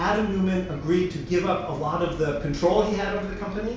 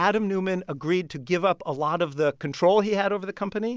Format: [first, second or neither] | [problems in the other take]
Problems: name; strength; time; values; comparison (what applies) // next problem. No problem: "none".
second | background sound (Bus); 13 dB below the speech // room echo; dies away in 0.6 s